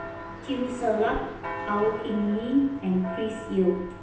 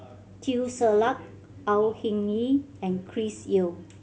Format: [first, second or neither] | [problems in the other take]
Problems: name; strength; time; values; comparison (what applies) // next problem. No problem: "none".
second | background sound (Church bell); 11 dB below the speech // room echo; dies away in 0.9 s